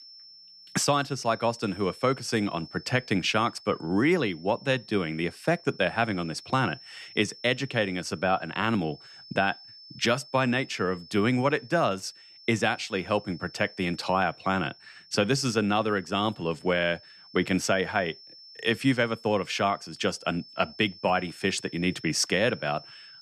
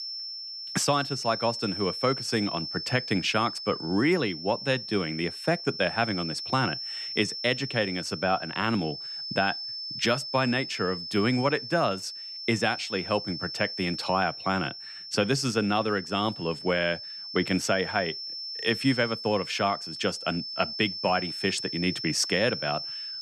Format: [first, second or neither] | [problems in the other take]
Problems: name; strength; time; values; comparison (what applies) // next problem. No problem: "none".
first | high-pitched whine; loud; throughout; 5.5 kHz, 7 dB below the speech; faint in the first